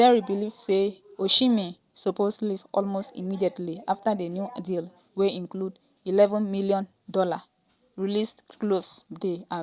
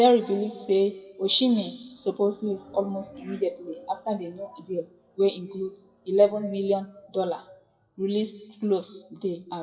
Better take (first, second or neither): first